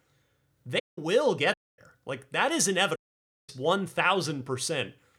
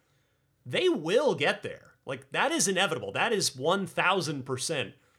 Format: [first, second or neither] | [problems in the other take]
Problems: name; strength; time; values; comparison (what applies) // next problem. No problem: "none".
second | audio cutting out; at 1 s, at 1.5 s and at 3 s for 0.5 s